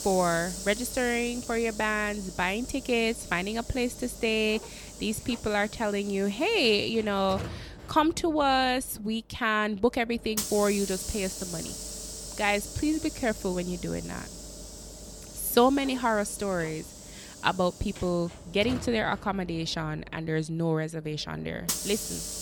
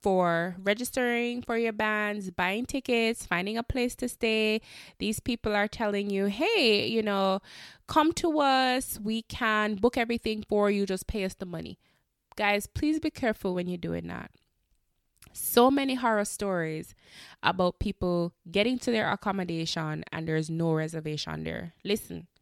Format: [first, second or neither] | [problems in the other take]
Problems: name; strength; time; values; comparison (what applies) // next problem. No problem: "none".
second | hiss; noticeable; throughout; 10 dB below the speech